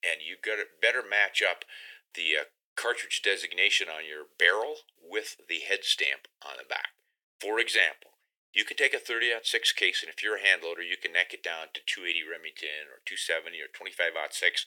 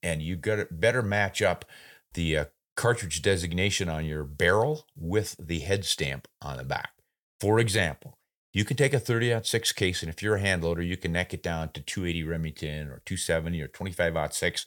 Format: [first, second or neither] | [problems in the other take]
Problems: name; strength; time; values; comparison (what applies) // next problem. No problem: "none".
second | thin; very; fading below 350 Hz